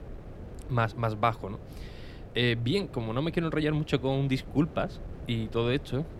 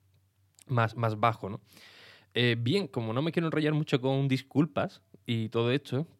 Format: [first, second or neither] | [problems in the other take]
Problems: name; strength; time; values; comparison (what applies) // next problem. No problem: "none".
second | wind noise on the microphone; occasional gusts; 20 dB below the speech